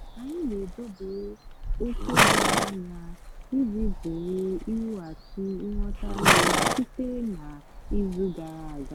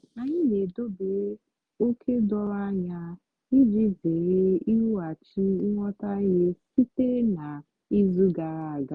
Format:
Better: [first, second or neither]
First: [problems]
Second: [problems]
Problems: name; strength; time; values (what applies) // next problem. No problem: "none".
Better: second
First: background sound (Livestock, farm animals, working animals); 4 dB above the speech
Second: none